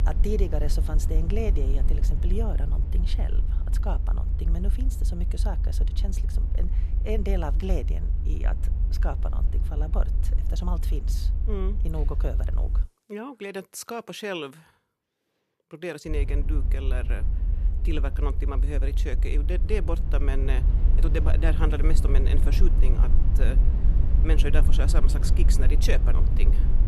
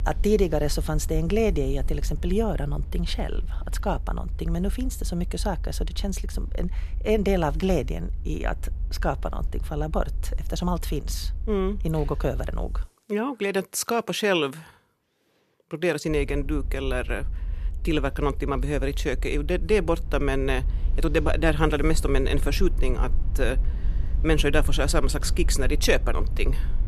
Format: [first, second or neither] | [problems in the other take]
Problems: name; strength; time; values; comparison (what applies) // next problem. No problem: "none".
second | low rumble; loud; until 13 s and from 16 s on; 8 dB below the speech; faint in the second